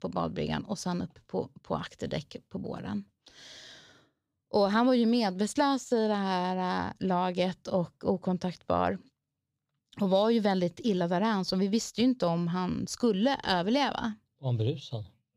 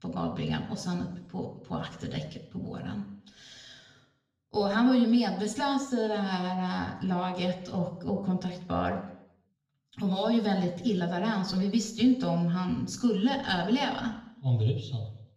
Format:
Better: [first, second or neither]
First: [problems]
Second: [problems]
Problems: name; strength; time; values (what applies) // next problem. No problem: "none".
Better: first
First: none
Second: room echo; slight; dies away in 0.7 s // off-mic speech; somewhat distant